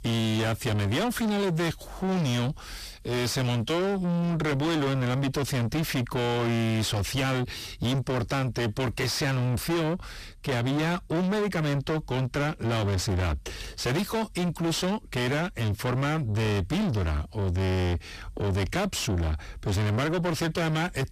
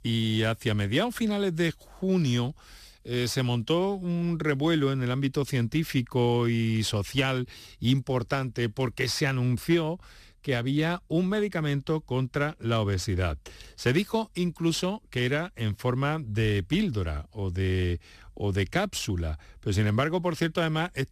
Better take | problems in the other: second | distortion; heavy; 6 dB below the speech

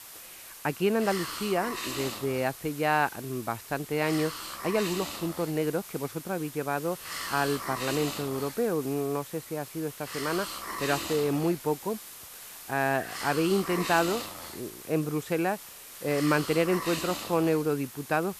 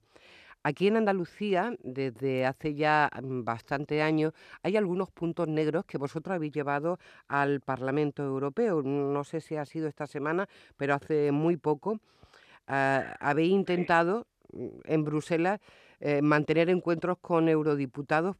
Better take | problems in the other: second | hiss; loud; throughout; 8 dB below the speech

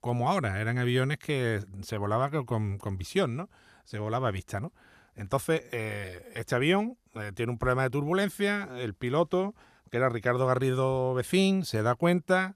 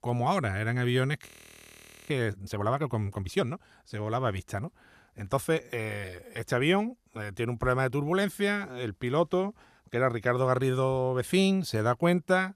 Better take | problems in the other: first | audio freezing; at 1.5 s for 1 s

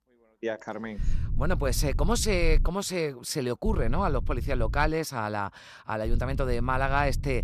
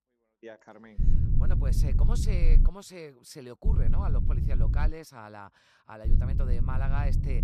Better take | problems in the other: first | low rumble; loud; from 1 to 2.5 s, from 3.5 to 5 s and from 6 s on; 2 dB below the speech; faint in the first

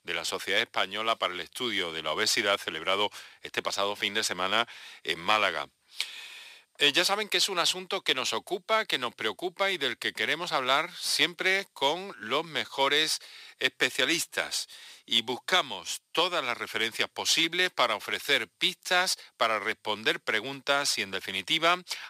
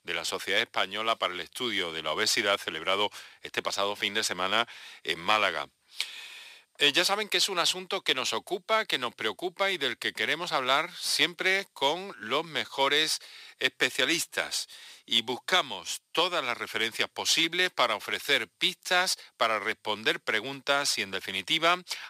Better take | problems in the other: neither | thin; very; fading below 600 Hz; the same in both

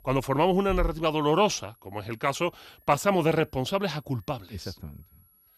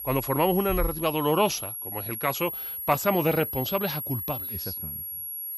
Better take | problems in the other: first | high-pitched whine; loud; throughout; 11.5 kHz, 5 dB below the speech; faint in the first

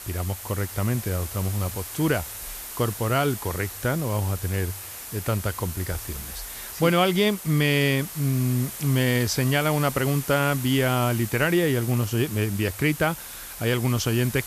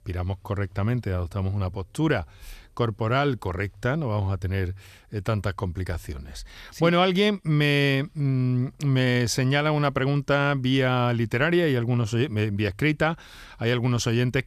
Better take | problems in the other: second | hiss; noticeable; throughout; 10 dB below the speech

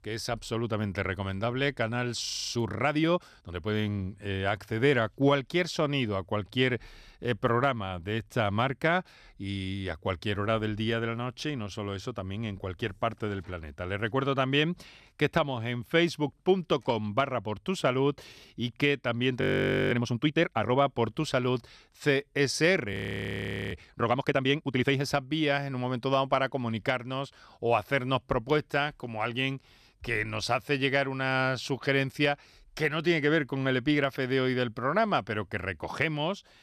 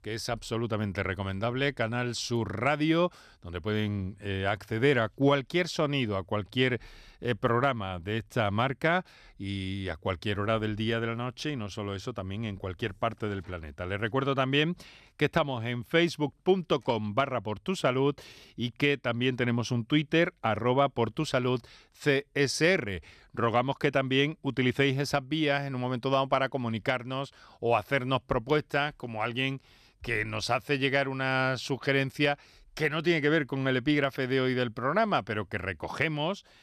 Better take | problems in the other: second | audio freezing; at 2.5 s, at 19 s and at 23 s for 1 s

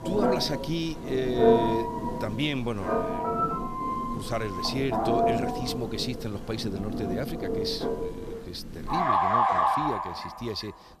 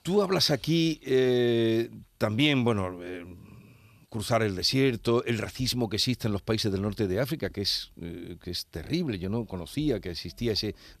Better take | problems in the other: second | alarms or sirens; very loud; throughout; 4 dB above the speech

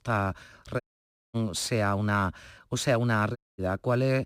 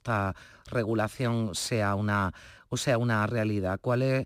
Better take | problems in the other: second | audio cutting out; at 1 s for 0.5 s and at 3.5 s

